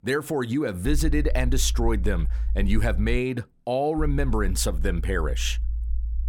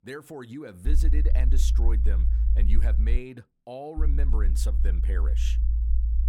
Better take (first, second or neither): first